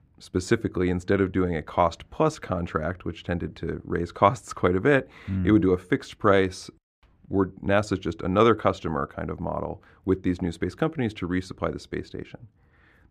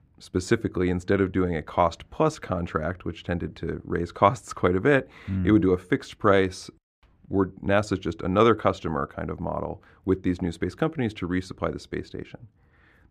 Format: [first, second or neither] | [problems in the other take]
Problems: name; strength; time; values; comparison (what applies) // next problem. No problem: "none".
neither | muffled; very; fading above 3.5 kHz; the same in both